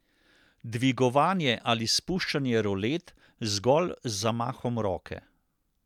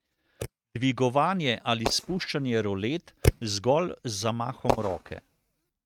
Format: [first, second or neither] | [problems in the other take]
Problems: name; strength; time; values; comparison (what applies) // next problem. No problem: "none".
first | noise reduction (neural mask model RNNoise)